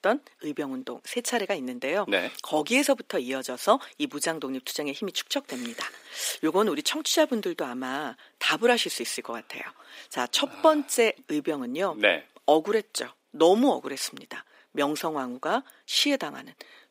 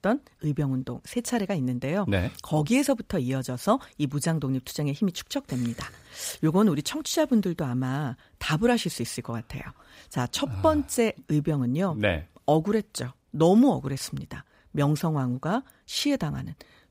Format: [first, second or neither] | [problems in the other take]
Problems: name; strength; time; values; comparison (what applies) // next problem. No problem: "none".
second | thin; somewhat; fading below 300 Hz